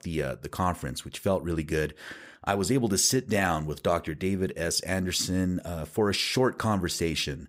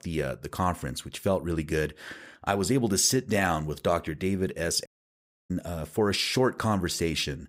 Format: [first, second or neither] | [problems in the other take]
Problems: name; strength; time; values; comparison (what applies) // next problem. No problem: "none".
first | audio cutting out; at 5 s for 0.5 s